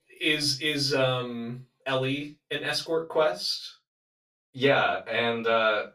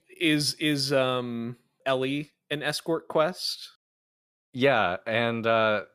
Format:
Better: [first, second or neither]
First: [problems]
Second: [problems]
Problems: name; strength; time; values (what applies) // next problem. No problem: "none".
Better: second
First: room echo; very slight; dies away in 0.2 s // off-mic speech; far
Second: none